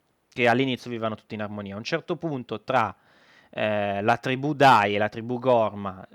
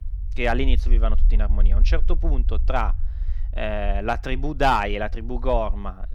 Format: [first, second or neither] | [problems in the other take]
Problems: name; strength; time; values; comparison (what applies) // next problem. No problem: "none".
first | low rumble; faint; throughout; 25 dB below the speech